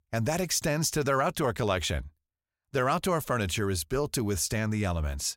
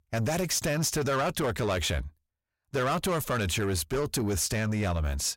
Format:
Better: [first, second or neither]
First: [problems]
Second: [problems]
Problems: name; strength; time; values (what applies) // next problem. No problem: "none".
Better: first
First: none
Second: distortion; slight; 10 dB below the speech